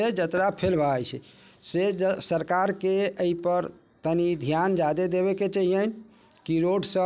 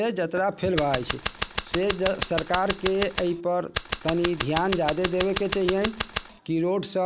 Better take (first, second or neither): first